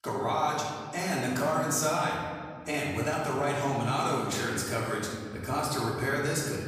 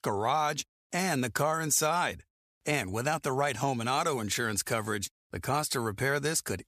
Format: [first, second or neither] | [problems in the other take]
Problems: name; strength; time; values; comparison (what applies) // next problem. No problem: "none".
second | off-mic speech; far // room echo; noticeable; dies away in 2 s